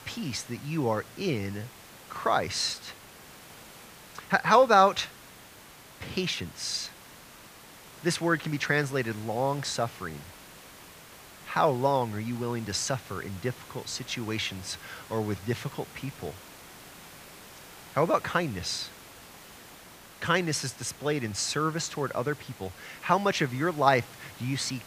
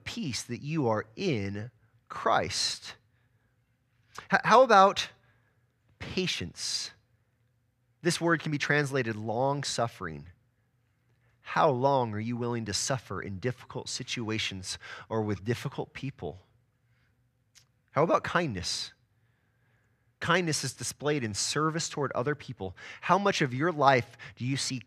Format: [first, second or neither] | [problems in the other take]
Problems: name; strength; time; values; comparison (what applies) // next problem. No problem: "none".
second | hiss; noticeable; throughout; 20 dB below the speech